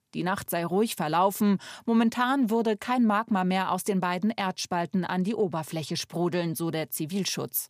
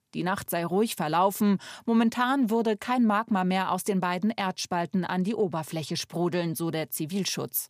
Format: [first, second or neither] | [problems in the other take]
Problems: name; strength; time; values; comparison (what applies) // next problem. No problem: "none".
neither | none